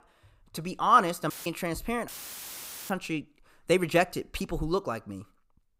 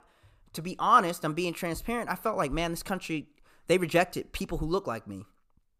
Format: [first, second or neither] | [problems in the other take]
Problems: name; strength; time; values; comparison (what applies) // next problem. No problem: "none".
second | audio cutting out; filled with static; at 1.5 s and at 2 s for 1 s